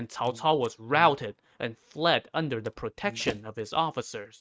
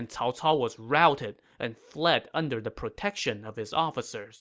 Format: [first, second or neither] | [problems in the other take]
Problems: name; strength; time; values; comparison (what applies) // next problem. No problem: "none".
second | noise reduction (neural mask model RNNoise)